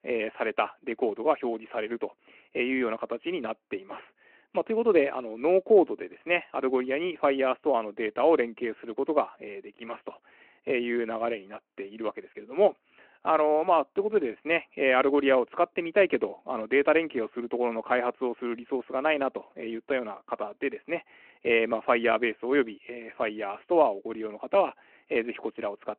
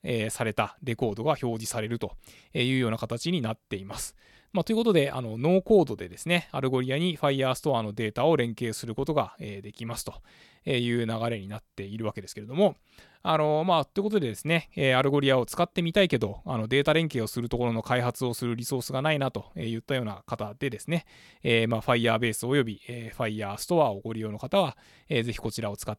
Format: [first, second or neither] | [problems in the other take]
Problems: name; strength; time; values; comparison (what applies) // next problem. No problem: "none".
second | phone-call audio